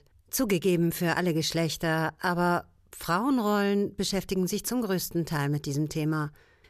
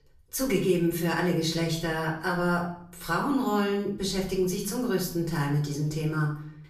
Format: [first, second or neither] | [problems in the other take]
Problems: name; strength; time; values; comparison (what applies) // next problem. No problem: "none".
first | off-mic speech; far // room echo; slight; dies away in 0.5 s